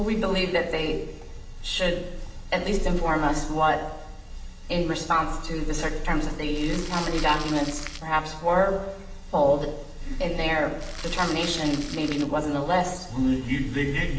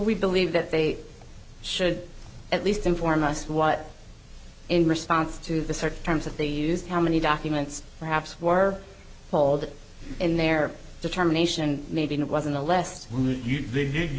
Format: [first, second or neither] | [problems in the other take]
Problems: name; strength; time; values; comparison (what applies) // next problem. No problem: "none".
second | background sound (Crumpling, crinkling); 14 dB below the speech // room echo; dies away in 0.9 s